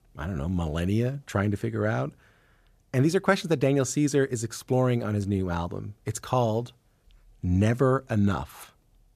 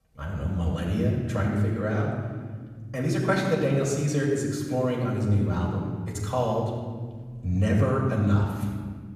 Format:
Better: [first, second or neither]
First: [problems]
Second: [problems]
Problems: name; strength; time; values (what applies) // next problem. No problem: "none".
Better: first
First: none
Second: off-mic speech; far // room echo; noticeable; dies away in 1.7 s